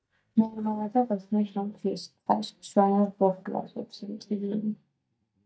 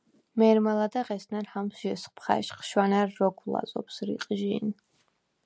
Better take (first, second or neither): second